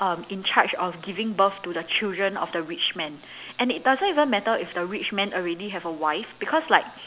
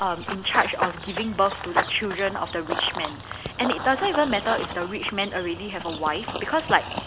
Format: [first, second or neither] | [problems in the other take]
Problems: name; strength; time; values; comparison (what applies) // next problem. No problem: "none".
first | background sound (Run / Bird vocalization, bird call, bird song); 6 dB below the speech